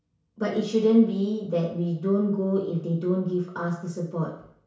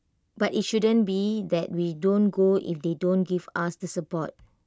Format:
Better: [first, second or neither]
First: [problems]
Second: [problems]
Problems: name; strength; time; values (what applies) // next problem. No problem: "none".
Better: second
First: room echo; dies away in 0.6 s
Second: none